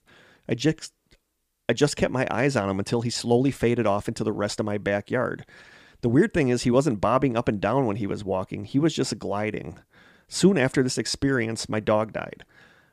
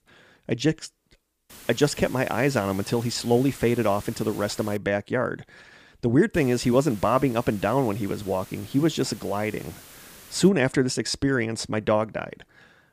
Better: first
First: none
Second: hiss; noticeable; from 1.5 to 5 s and from 6.5 to 10 s; 20 dB below the speech

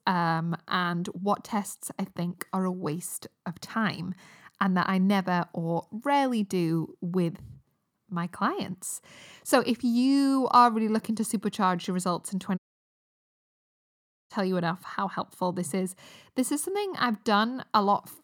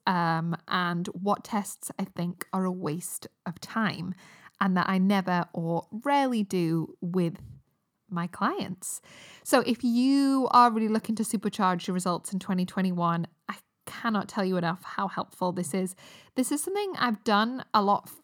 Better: second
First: audio cutting out; at 13 s for 1.5 s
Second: none

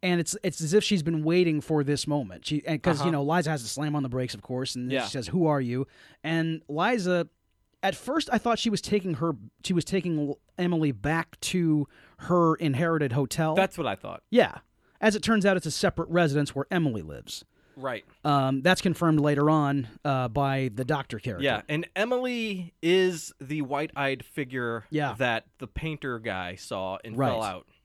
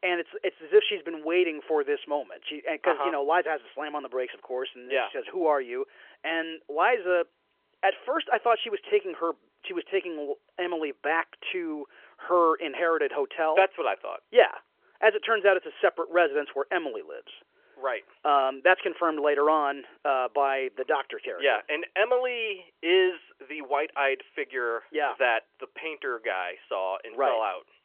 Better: first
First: none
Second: phone-call audio; nothing above 3 kHz

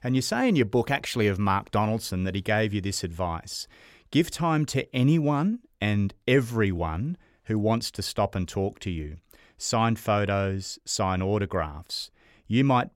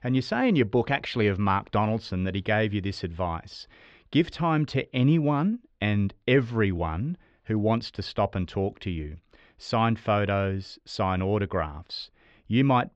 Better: first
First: none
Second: muffled; very slightly; fading above 4 kHz

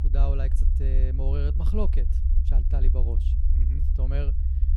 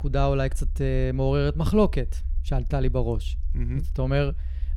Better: second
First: low rumble; loud; throughout; 5 dB below the speech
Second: low rumble; faint; throughout; 25 dB below the speech

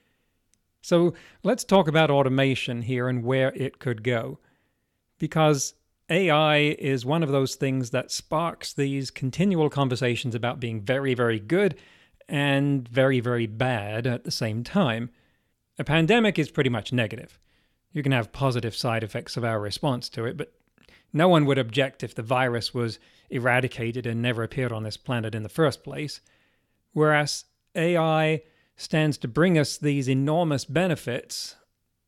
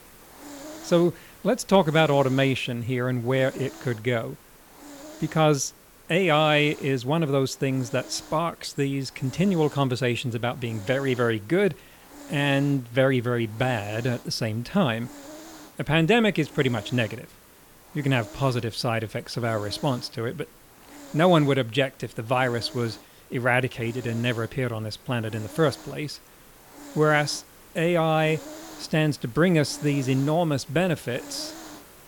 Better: first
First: none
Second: hiss; noticeable; throughout; 20 dB below the speech

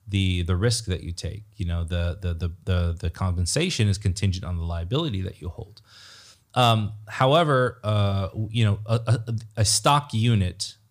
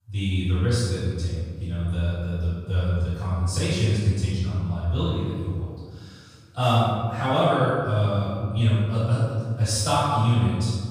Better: first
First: none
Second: off-mic speech; far // room echo; strong; dies away in 1.6 s

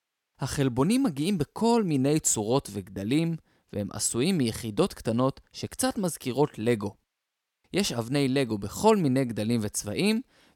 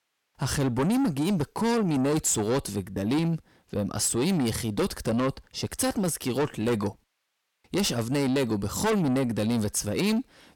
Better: first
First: none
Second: distortion; heavy; 7 dB below the speech

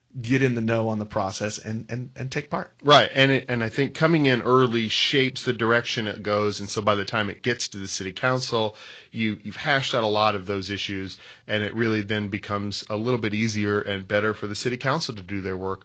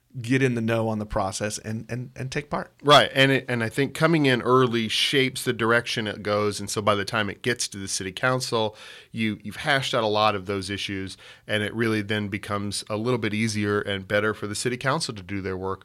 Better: second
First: garbled, watery; slightly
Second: none

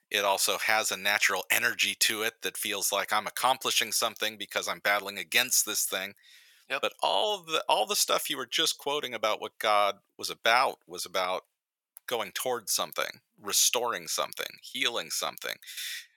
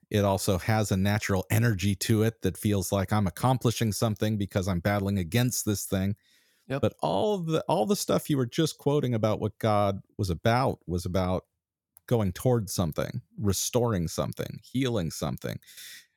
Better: second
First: thin; very; fading below 900 Hz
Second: none

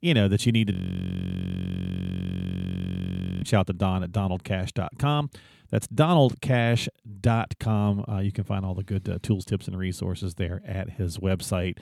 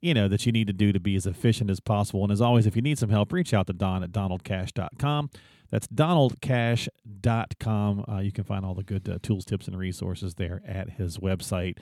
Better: second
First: audio freezing; at 0.5 s for 2.5 s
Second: none

